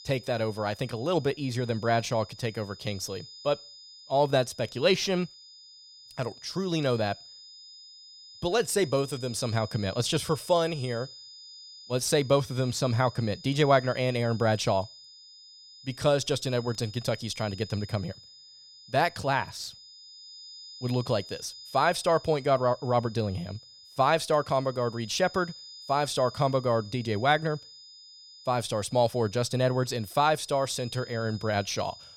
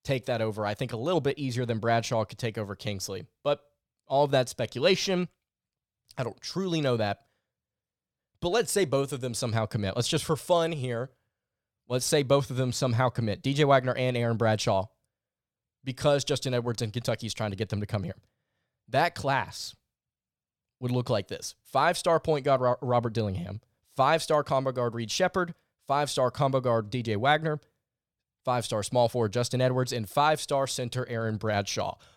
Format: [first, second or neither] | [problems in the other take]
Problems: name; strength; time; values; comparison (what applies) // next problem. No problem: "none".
second | high-pitched whine; noticeable; throughout; 5 kHz, 20 dB below the speech